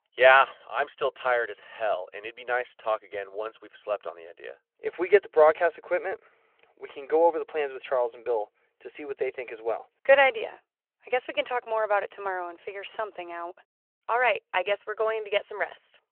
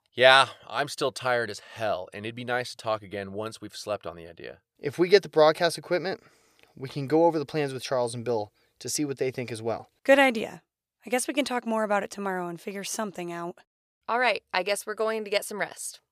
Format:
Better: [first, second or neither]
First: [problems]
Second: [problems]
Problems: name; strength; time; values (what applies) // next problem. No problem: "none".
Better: second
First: phone-call audio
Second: none